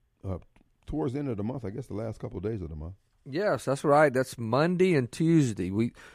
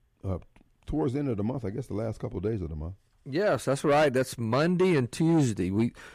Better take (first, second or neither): first